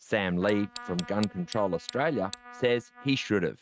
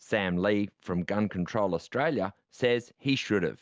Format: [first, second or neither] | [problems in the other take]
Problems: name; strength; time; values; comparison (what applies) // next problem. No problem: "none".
second | noise reduction (neural mask model RNNoise)